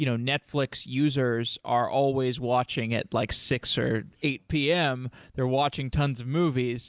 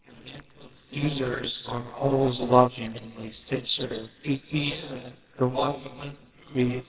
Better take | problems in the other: first | noise reduction (neural separator model SepFormer WHAMR!)

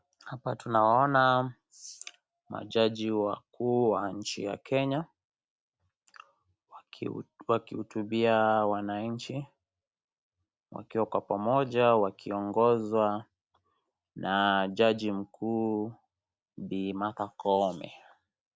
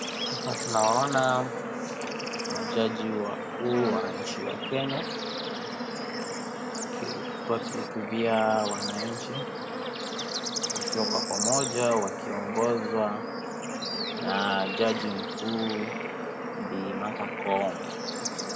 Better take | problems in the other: first | background sound (Bird / Insect / Frog); 2 dB below the speech // room echo; dies away in 1.1 s

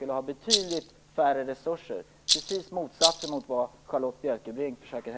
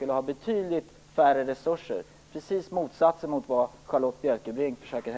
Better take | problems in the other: second | background sound (Rattle); 3 dB above the speech

